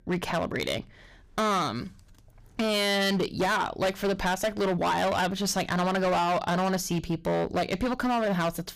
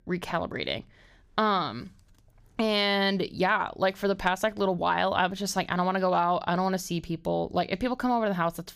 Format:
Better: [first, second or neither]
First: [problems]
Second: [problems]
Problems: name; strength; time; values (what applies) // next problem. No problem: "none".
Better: second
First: distortion; heavy; 18% of the sound clipped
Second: none